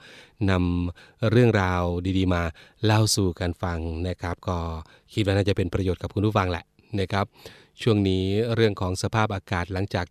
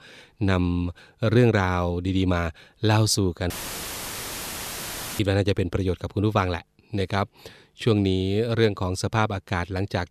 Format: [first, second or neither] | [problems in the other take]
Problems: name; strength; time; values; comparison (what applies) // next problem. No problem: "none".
first | audio cutting out; filled with static; at 3.5 s for 1.5 s